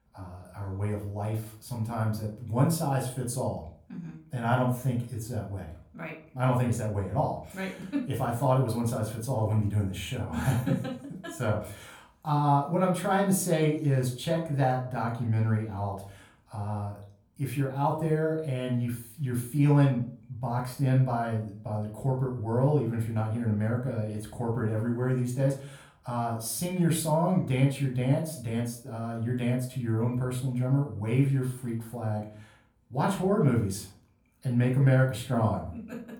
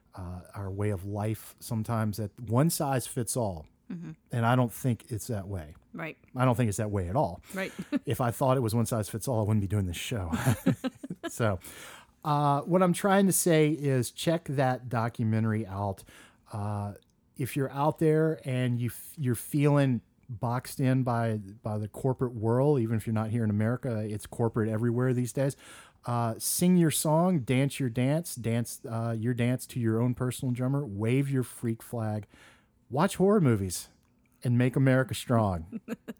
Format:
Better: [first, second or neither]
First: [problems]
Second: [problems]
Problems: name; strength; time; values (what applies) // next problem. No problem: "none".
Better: second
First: room echo; slight; dies away in 0.4 s // off-mic speech; somewhat distant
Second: none